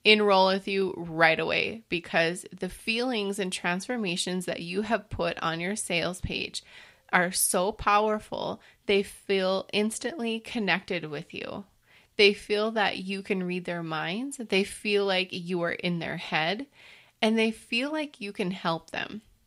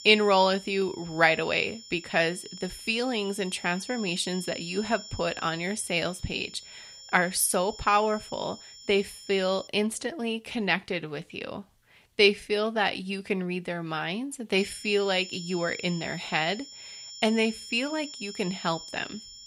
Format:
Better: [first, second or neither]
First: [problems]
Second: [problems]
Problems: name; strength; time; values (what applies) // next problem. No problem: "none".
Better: first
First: none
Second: high-pitched whine; noticeable; until 9.5 s and from 15 s on; 5.5 kHz, 15 dB below the speech